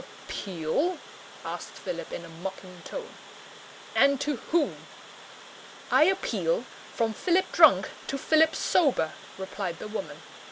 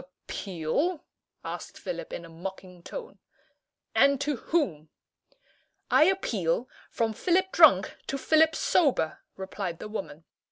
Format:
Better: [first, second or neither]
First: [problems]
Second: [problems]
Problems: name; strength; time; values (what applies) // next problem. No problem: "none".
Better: second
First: background sound (Water); 17 dB below the speech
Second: none